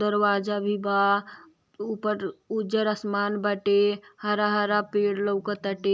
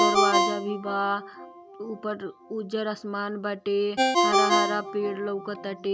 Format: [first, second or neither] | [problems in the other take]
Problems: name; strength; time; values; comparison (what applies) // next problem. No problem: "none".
first | background sound (Ringtone); 2 dB above the speech